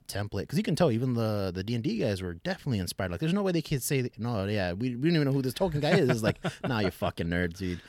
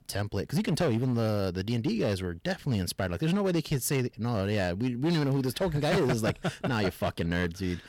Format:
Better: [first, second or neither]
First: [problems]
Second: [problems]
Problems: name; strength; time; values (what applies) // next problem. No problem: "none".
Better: first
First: none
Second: distortion; slight; 10% of the sound clipped